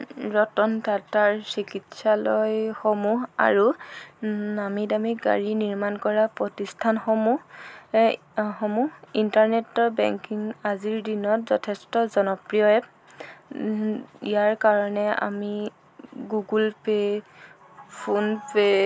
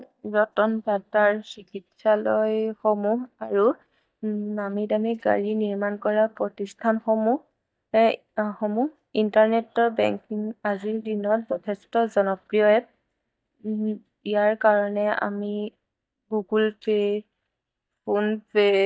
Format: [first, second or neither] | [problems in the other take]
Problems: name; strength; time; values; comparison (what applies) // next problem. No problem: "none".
first | noise reduction (neural mask model DeepFilterNet 3)